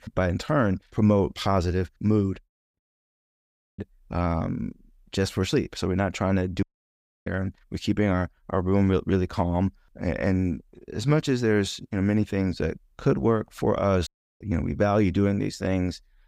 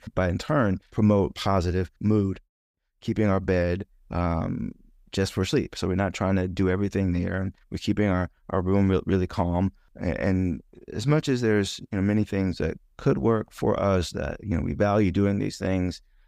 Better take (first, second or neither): second